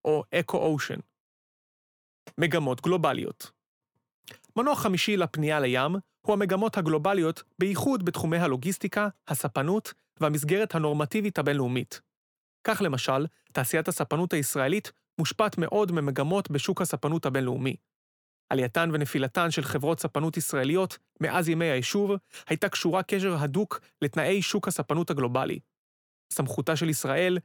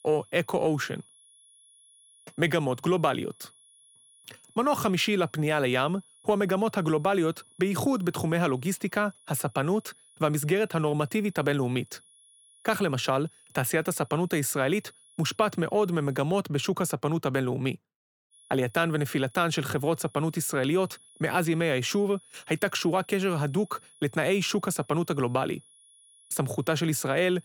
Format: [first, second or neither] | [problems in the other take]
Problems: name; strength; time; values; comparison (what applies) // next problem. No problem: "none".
first | high-pitched whine; faint; until 16 s and from 18 s on; 10.5 kHz, 25 dB below the speech